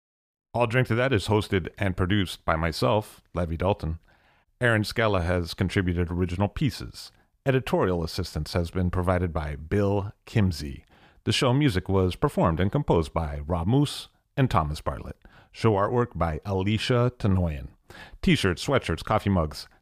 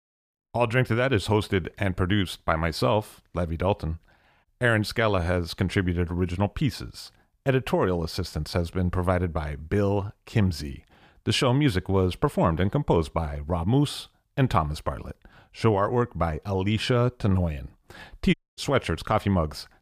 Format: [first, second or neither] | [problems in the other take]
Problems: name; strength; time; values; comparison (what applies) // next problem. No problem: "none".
first | audio cutting out; at 18 s